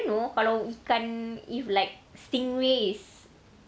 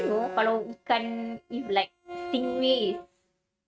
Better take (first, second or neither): first